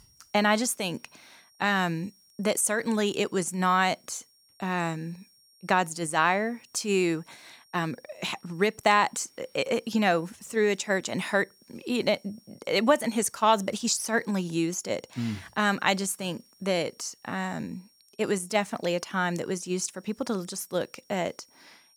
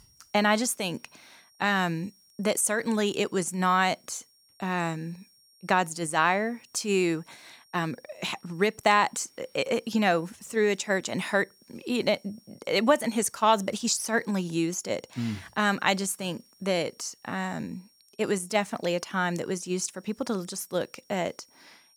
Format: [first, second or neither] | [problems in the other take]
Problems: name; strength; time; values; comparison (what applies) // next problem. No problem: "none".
neither | high-pitched whine; faint; throughout; 5.5 kHz, 30 dB below the speech; the same in both